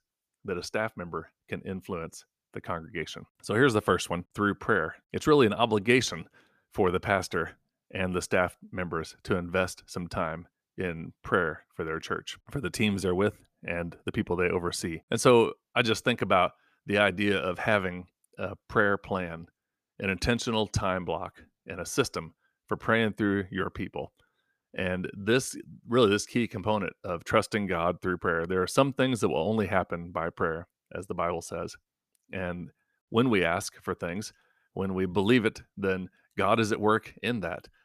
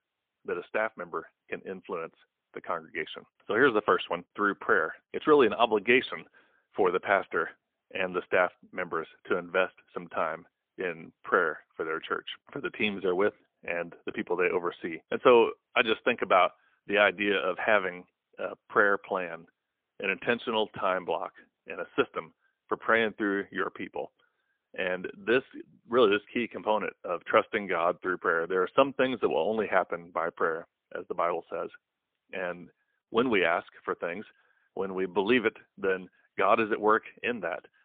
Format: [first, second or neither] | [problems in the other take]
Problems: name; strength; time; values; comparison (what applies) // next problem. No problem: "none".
first | phone-call audio; poor line; nothing above 3.5 kHz